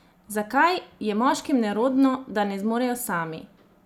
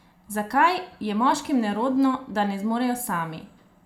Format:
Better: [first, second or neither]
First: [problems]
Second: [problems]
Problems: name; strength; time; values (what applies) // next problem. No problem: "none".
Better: first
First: none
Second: room echo; dies away in 0.5 s